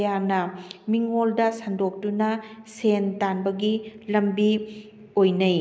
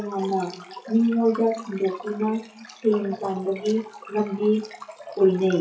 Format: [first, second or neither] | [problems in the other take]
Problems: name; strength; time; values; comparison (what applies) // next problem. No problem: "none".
first | noise reduction (classical method WPE with log-MMSE)